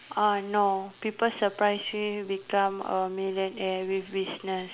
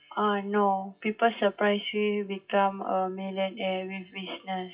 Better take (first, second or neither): first